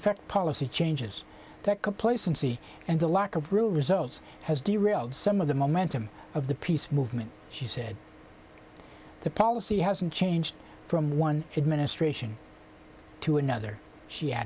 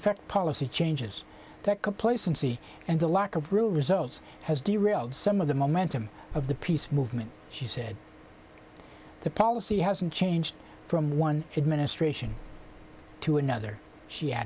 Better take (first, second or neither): first